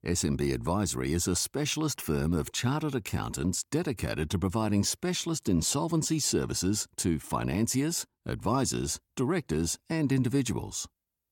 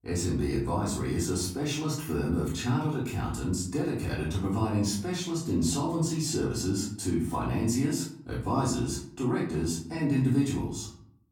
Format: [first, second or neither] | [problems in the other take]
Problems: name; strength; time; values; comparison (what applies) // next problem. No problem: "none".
first | off-mic speech; far // room echo; noticeable; dies away in 0.6 s